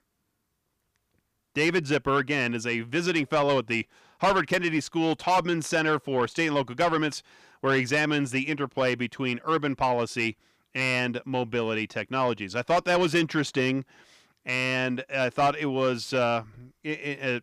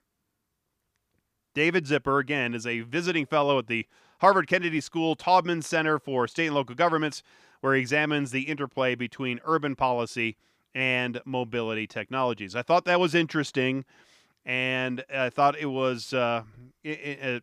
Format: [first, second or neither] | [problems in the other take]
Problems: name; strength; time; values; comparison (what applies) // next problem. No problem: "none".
second | distortion; slight; 10 dB below the speech